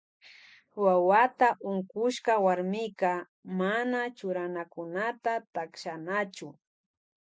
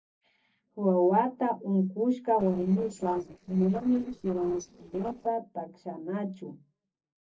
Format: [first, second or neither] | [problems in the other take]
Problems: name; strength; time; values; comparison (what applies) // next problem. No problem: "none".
first | noise reduction (neural separator model SepFormer DNS4)